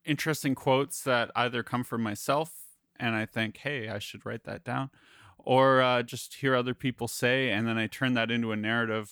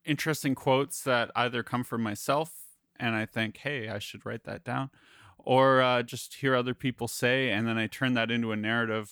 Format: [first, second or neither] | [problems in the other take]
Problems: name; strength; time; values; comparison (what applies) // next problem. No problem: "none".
neither | none